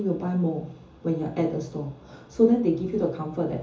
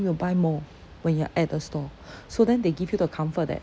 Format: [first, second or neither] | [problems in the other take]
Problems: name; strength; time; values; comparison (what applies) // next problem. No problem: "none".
second | room echo; dies away in 0.7 s